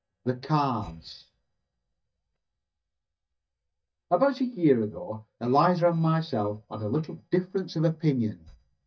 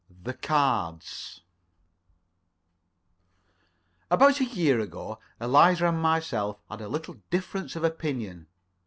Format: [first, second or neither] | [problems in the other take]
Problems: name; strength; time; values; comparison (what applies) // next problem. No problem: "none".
second | noise reduction (neural mask model DeepFilterNet 3)